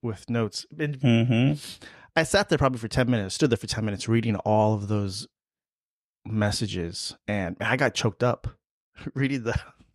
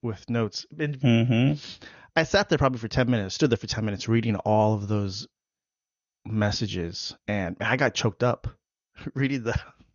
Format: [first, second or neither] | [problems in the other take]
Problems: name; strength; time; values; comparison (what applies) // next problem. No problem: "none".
first | garbled, watery; slightly; nothing above 6.5 kHz